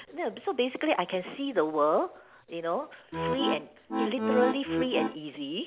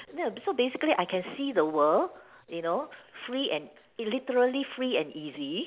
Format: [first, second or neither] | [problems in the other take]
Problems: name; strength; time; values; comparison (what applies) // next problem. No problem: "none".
second | background sound (Accordion); as loud as the speech